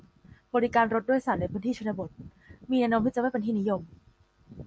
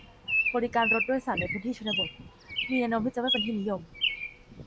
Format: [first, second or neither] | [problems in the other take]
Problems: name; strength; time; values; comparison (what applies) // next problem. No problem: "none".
first | background sound (Bird vocalization, bird call, bird song); 1 dB below the speech